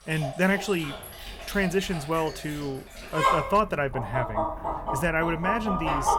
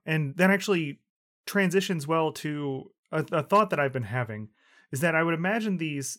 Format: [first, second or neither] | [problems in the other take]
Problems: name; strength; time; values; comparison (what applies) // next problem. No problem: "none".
second | animal sounds; loud; throughout; 4 dB below the speech